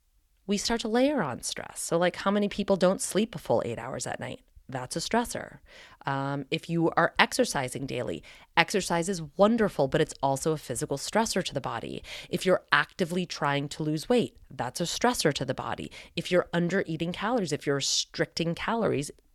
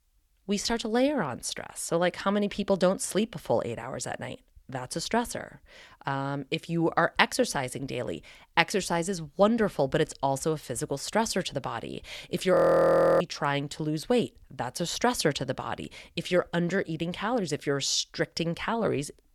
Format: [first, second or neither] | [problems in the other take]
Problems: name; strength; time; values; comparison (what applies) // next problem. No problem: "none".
first | audio freezing; at 13 s for 0.5 s